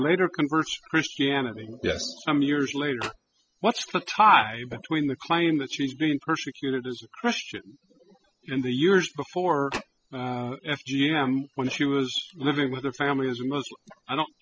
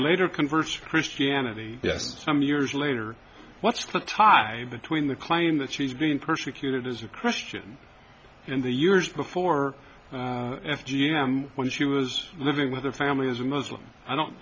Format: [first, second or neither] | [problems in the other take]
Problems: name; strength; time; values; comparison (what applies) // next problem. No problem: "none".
second | noise reduction (classical method spectral subtraction)